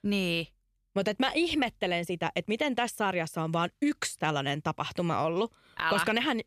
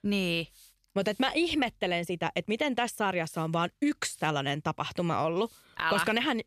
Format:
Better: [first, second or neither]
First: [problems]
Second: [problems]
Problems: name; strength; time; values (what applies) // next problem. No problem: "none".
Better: first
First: none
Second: hiss; faint; throughout; 30 dB below the speech